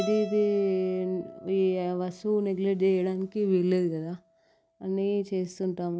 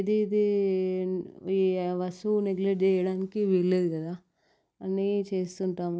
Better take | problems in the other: second | background sound (Keyboard (musical)); 17 dB below the speech

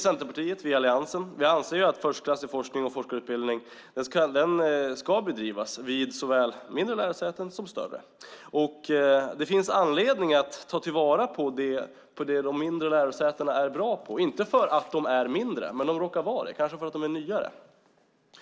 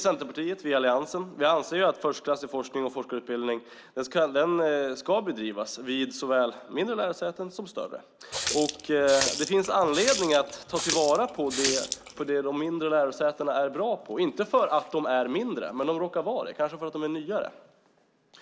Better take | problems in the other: first | background sound (Water tap, faucet); 5 dB below the speech

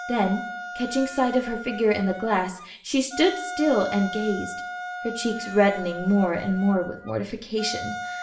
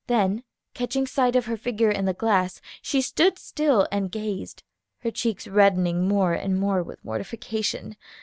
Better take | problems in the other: second | background sound (Wind instrument, woodwind instrument); 10 dB below the speech // room echo; dies away in 0.5 s

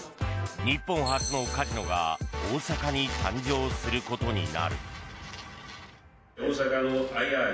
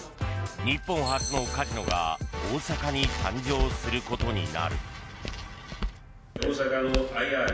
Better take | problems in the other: first | background sound (Walk, footsteps); 7 dB below the speech

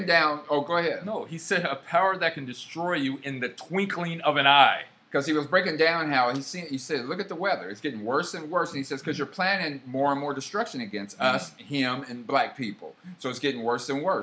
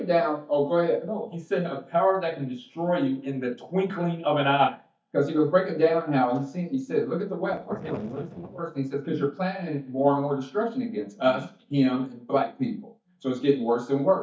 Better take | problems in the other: first | noise reduction (neural mask model DeepFilterNet 3)

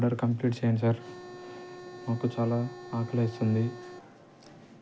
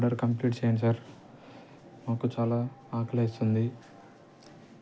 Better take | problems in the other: second | background sound (Organ); 15 dB below the speech

